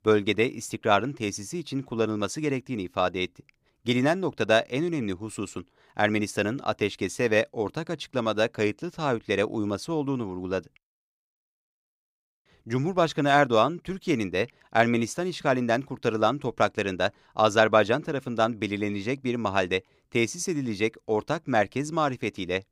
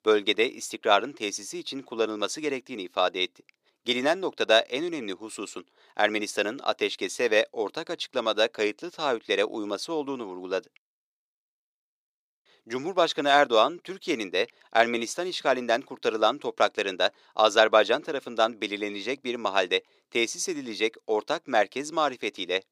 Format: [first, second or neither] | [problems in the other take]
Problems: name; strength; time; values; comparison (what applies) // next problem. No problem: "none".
first | thin; somewhat; fading below 400 Hz